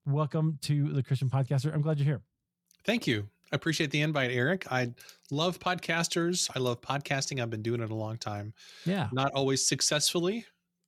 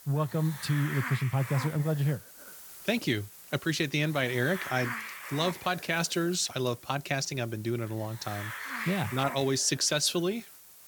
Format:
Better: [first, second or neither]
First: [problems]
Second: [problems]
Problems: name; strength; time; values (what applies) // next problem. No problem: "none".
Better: first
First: none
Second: hiss; noticeable; throughout; 10 dB below the speech